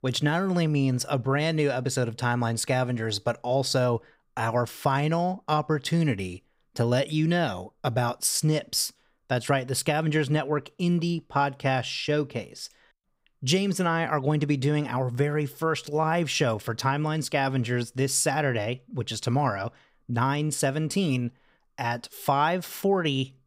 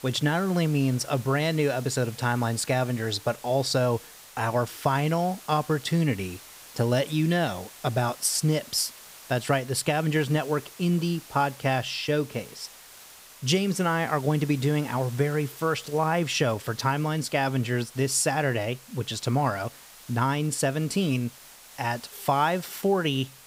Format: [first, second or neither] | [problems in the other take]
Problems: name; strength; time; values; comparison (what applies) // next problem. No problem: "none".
first | hiss; noticeable; throughout; 20 dB below the speech